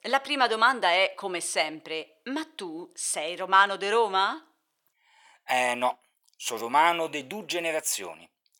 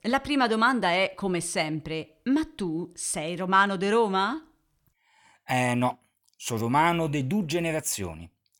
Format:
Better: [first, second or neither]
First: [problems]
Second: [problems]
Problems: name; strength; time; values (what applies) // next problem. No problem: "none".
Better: second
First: thin; somewhat; fading below 550 Hz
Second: none